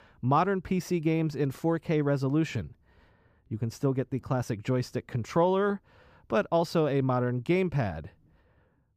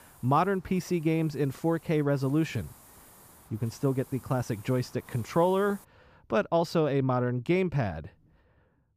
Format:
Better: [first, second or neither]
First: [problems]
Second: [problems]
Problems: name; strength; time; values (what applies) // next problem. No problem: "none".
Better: first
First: none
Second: hiss; faint; until 6 s; 25 dB below the speech